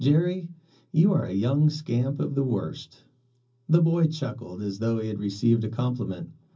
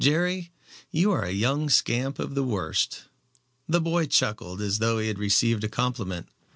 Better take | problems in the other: second | room echo; dies away in 0.4 s

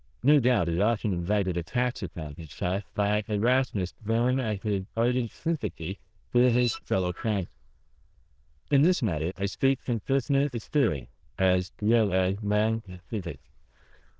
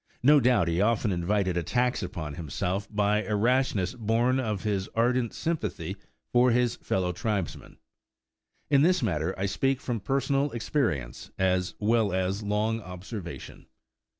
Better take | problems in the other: second | noise reduction (neural diffusion model UNIVERSE++)

